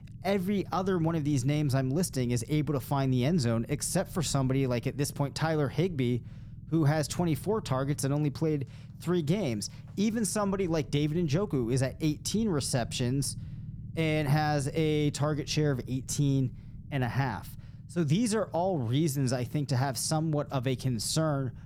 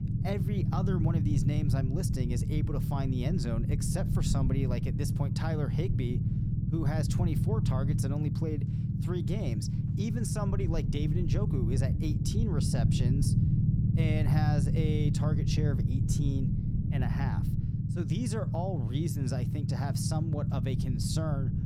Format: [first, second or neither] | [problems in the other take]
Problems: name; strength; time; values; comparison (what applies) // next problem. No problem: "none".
first | low rumble; loud; throughout; 1 dB below the speech; faint in the first